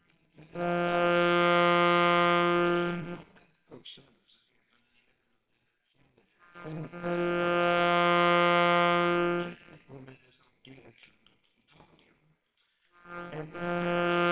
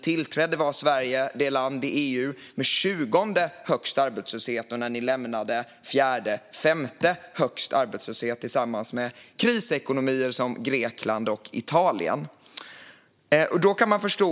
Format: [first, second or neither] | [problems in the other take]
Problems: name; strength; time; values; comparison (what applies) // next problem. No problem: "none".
second | noise reduction (neural separator model SepFormer WHAMR!)